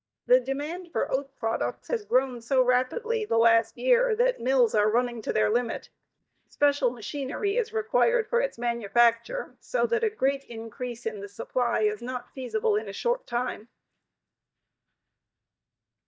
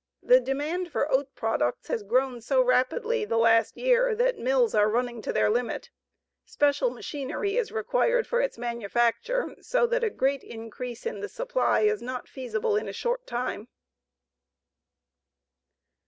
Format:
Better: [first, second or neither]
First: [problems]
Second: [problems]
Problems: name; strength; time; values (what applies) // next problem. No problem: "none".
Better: second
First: noise reduction (neural mask model DeepFilterNet 3)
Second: none